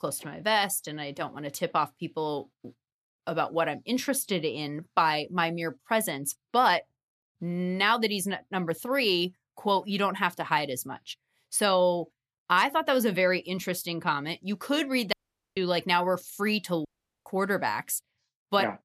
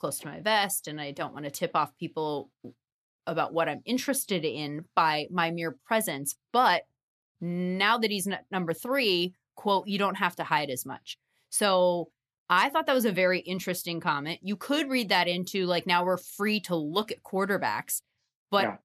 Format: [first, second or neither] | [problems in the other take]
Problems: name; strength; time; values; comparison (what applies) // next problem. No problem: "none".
second | audio cutting out; at 15 s and at 17 s